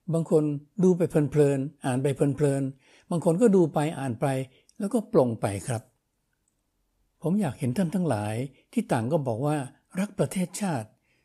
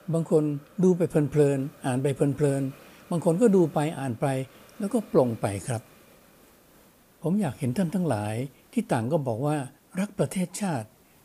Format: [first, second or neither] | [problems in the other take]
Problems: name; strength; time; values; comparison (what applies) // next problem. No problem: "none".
first | hiss; faint; throughout; 25 dB below the speech